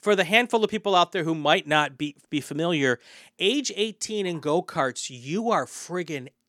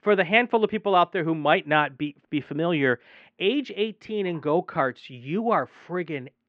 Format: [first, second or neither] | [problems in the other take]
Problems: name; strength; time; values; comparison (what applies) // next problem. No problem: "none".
first | muffled; very; fading above 2.5 kHz